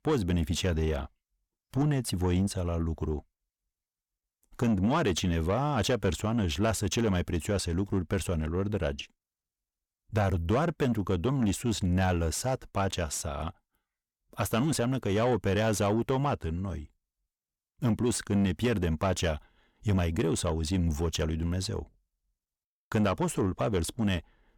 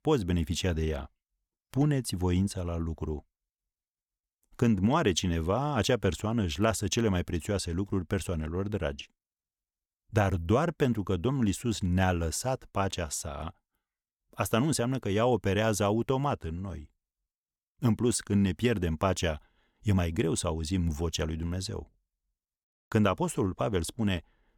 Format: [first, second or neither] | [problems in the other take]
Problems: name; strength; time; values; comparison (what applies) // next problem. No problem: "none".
second | distortion; slight; 10 dB below the speech